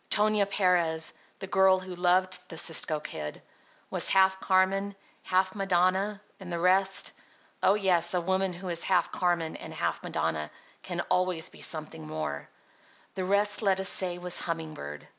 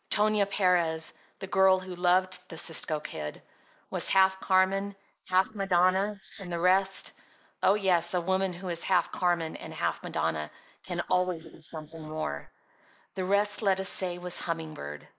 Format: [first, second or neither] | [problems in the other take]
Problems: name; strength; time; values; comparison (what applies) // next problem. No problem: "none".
first | noise reduction (neural mask model Resemble Enhance denoiser)